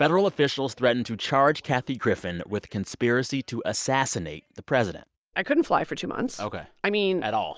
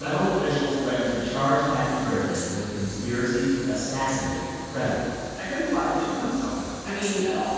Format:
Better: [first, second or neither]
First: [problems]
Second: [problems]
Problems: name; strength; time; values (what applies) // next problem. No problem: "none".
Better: first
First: none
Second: background sound (Train); 15 dB below the speech // room echo; dies away in 2.1 s